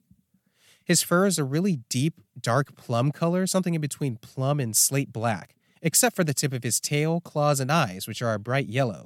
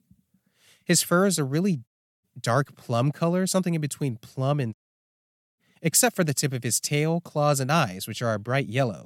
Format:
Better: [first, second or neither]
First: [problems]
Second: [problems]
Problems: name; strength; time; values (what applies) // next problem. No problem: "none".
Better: first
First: none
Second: audio cutting out; at 2 s and at 4.5 s for 1 s